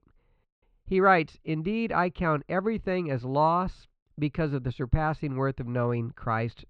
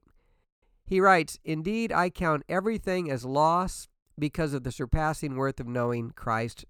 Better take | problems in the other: second | muffled; slightly; fading above 3.5 kHz

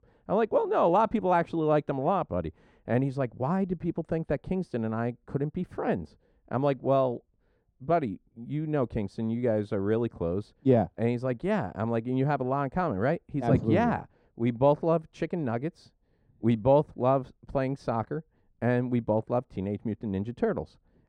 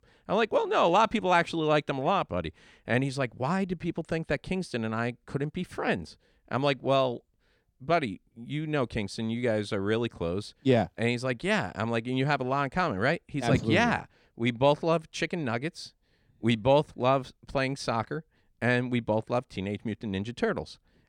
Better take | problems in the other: second | muffled; very; fading above 1.5 kHz

